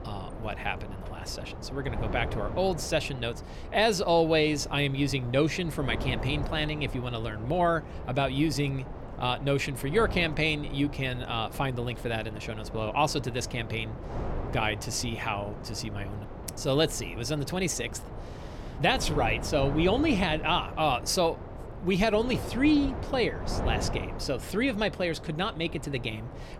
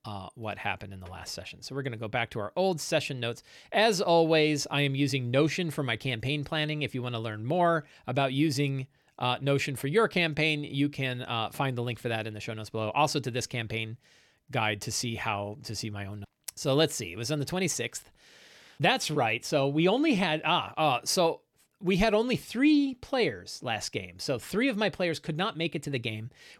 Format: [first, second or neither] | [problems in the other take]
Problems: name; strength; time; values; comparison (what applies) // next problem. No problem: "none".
second | wind noise on the microphone; occasional gusts; 15 dB below the speech